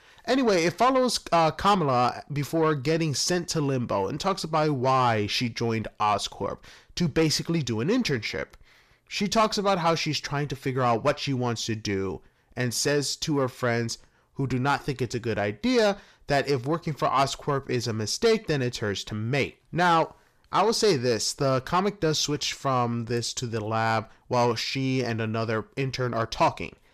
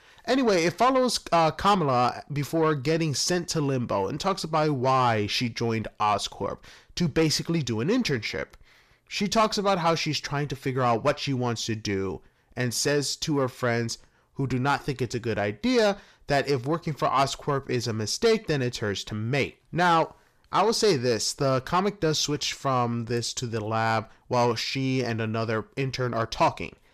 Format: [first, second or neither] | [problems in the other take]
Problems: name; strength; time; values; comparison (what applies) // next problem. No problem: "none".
neither | distortion; slight; 10 dB below the speech; the same in both